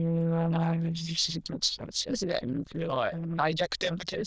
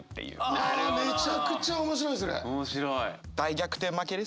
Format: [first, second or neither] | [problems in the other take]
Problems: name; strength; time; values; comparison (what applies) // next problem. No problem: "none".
second | noise reduction (neural diffusion model UNIVERSE++)